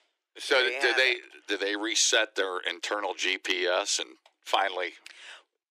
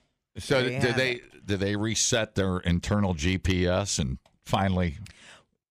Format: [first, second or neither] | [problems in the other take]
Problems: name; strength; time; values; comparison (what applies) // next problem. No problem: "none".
second | thin; very; fading below 300 Hz